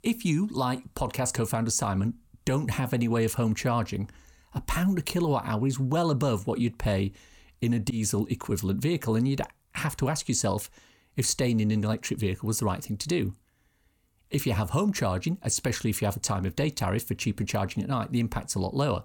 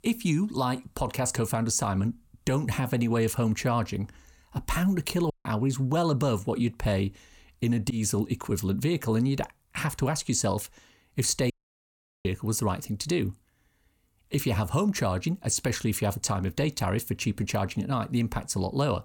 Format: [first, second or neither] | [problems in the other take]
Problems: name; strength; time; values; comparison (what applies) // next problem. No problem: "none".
first | audio cutting out; at 5.5 s and at 12 s for 1 s